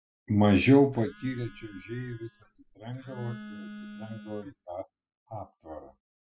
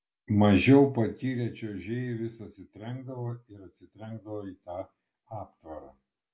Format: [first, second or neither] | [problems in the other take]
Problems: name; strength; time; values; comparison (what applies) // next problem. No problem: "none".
second | noise reduction (classical method spectral subtraction)